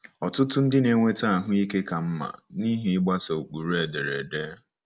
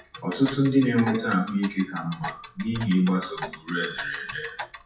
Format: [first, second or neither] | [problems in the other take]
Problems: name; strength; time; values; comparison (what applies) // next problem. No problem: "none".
first | noise reduction (classical method WPE with log-MMSE)